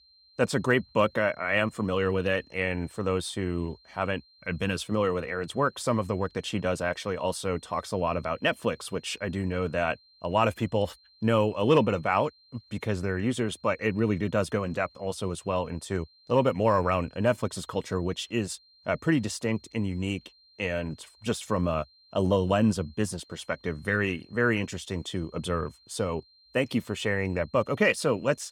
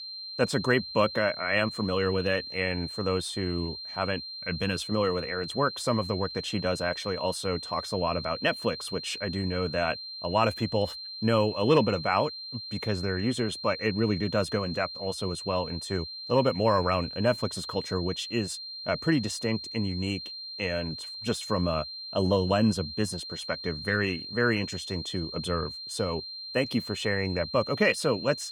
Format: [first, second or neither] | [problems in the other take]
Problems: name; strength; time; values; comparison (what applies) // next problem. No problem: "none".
first | high-pitched whine; loud; throughout; 4 kHz, 8 dB below the speech; faint in the first